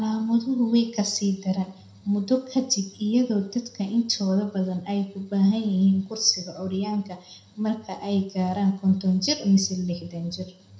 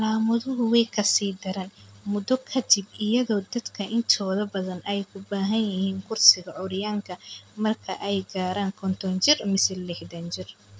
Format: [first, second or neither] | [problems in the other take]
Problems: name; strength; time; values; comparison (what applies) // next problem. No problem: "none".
second | room echo; dies away in 0.5 s